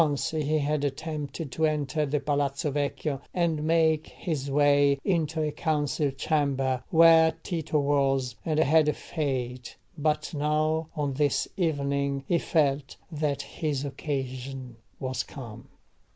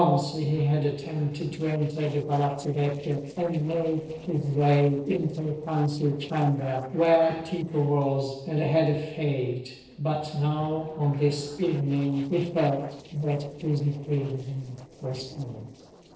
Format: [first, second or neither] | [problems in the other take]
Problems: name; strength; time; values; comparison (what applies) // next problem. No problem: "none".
first | noise reduction (neural separator model SepFormer DNS4)